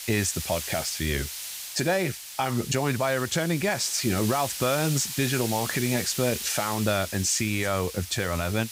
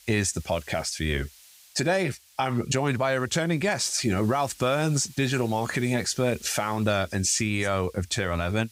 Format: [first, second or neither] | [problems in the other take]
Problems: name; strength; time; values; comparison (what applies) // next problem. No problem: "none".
second | hiss; loud; throughout; 7 dB below the speech; faint in the second